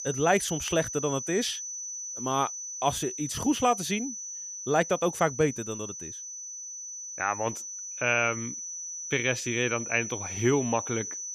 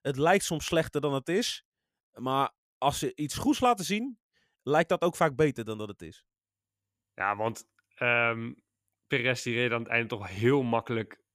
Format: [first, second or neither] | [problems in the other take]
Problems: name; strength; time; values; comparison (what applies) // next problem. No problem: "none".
second | high-pitched whine; loud; throughout; 6 kHz, 7 dB below the speech